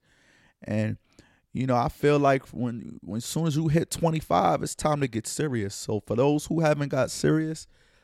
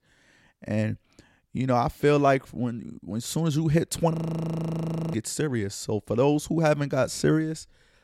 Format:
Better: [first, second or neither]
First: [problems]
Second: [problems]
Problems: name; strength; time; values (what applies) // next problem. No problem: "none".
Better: first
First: none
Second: audio freezing; at 4 s for 1 s